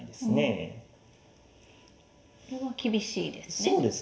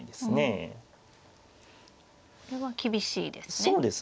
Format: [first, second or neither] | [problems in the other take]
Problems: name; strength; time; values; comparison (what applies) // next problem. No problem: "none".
second | room echo; dies away in 0.7 s